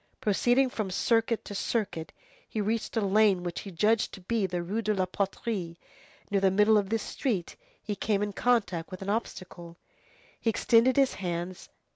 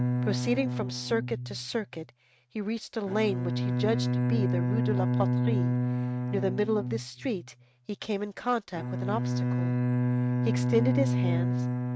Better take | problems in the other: first | noise reduction (neural mask model RNNoise)

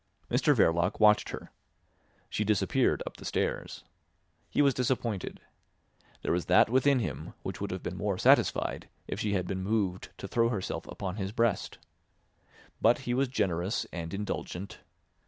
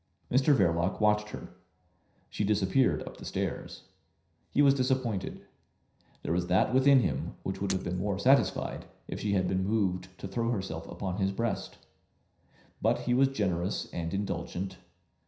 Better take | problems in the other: first | background sound (Shatter); 16 dB below the speech // room echo; dies away in 0.5 s

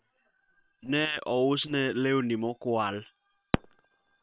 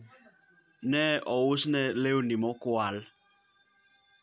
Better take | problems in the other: second | noise reduction (neural separator model SepFormer WHAM!)

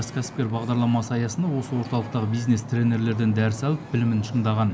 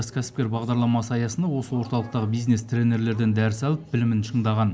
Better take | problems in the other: second | background sound (Wind / Ocean); 15 dB below the speech

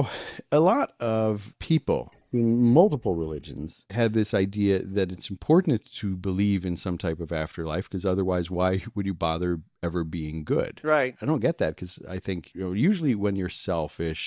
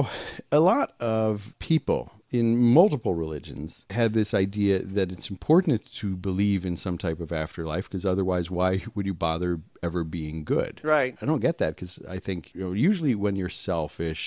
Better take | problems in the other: second | noise reduction (neural mask model DeepFilterNet 3)

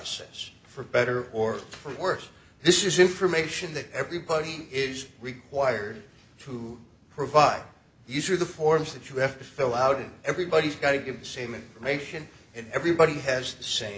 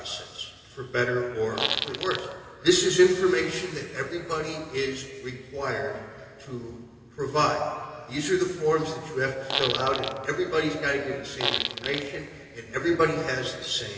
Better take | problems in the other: first | background sound (Fart); 4 dB below the speech // room echo; dies away in 2.5 s

